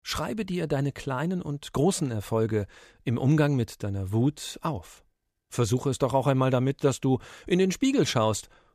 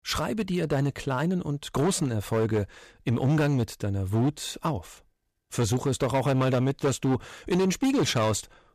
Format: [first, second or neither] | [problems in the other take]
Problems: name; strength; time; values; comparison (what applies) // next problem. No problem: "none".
first | distortion; slight; 10% of the sound clipped